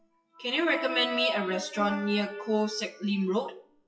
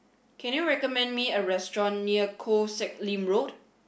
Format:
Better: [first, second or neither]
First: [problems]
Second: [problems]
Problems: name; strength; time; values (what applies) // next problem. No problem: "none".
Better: second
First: noise reduction (classical method WPE with log-MMSE)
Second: none